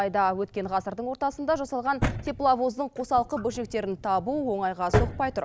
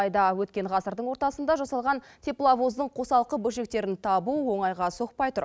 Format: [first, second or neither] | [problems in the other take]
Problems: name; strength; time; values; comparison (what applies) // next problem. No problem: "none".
second | background sound (Drawer open or close); 6 dB below the speech